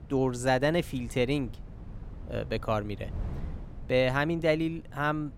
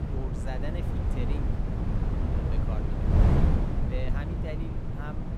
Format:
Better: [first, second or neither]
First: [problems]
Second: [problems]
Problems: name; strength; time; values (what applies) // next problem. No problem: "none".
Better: first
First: wind noise on the microphone; occasional gusts; 25 dB below the speech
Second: wind noise on the microphone; heavy; 4 dB above the speech